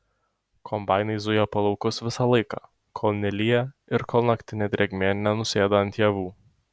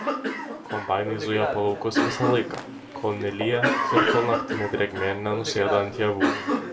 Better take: first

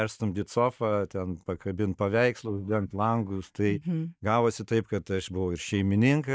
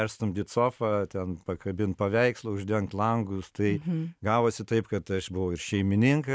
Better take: second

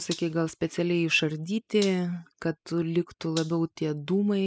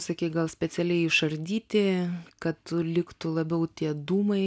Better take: second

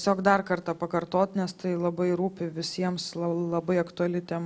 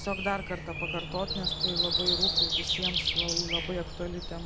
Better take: first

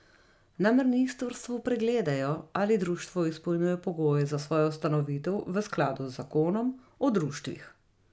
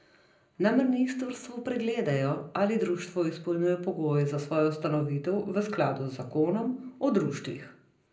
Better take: first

